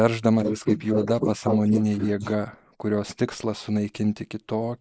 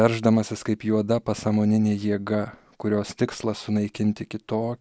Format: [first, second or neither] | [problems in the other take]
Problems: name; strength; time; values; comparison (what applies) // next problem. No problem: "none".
second | noise reduction (neural mask model Resemble Enhance denoiser)